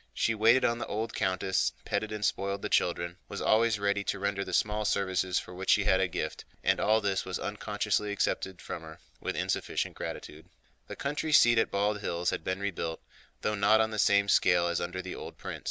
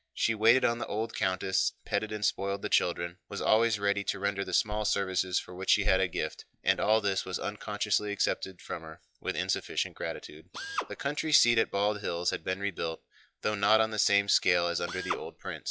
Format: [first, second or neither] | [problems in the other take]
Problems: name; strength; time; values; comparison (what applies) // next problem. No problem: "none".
first | noise reduction (classical method log-MMSE)